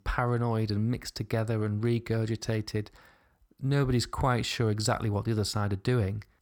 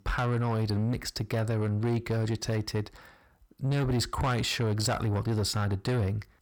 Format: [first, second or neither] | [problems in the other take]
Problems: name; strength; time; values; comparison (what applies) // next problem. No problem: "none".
first | distortion; slight; 10 dB below the speech